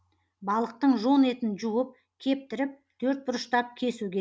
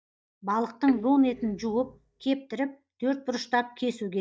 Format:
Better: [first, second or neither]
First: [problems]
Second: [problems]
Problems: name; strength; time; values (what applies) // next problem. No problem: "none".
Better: first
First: none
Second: noise reduction (neural mask model DeepFilterNet 3)